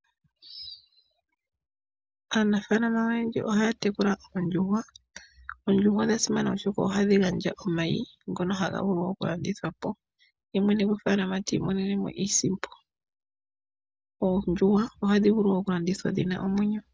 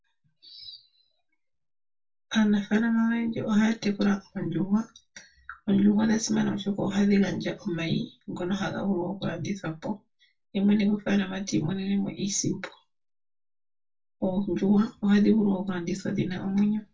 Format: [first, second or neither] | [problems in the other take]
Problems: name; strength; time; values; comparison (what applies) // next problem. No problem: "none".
first | room echo; dies away in 0.2 s